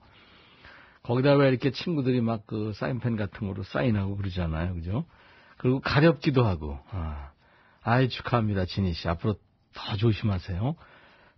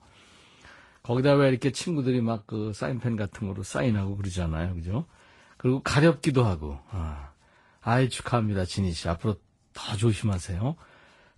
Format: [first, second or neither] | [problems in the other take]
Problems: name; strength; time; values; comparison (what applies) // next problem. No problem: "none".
second | garbled, watery; badly; nothing above 5.5 kHz; slightly in the second